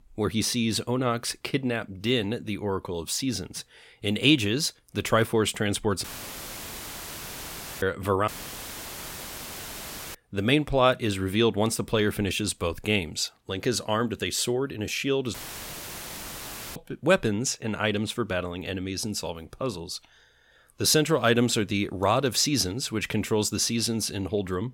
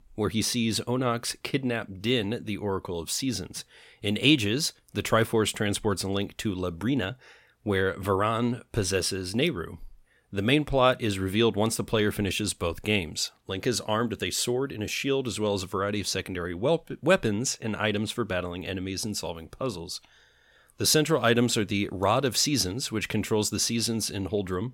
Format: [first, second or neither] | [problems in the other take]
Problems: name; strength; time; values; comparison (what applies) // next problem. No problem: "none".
second | audio cutting out; filled with static; at 6 s for 2 s, at 8.5 s for 2 s and at 15 s for 1.5 s